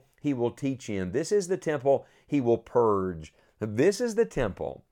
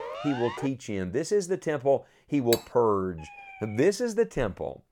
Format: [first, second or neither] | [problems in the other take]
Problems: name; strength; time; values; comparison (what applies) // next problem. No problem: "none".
first | siren; noticeable; at the start; peak 8 dB below the speech // clattering dishes; noticeable; at 2.5 s; peak 5 dB below the speech // siren; faint; at 3 s; peak 15 dB below the speech